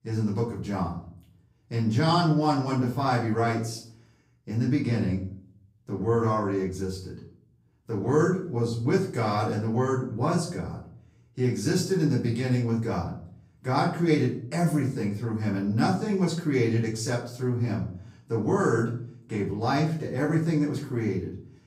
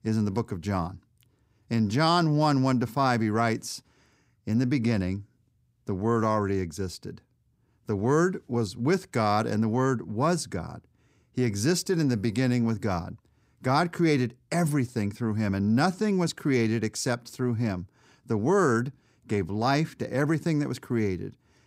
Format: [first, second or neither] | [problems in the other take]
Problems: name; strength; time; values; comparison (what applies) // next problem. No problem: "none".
second | off-mic speech; far // room echo; slight; dies away in 0.5 s